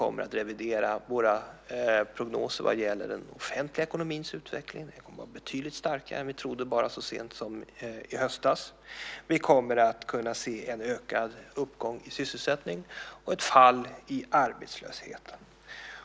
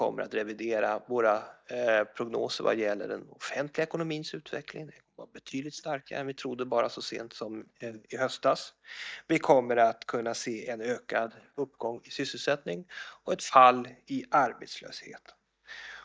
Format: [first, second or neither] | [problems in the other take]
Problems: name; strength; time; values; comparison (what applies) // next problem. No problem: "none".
first | noise reduction (neural mask model DeepFilterNet 3)